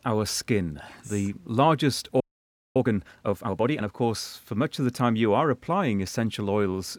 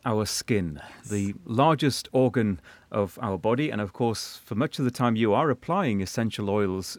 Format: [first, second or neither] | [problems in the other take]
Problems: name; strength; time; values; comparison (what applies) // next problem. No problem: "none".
second | audio freezing; at 2 s for 0.5 s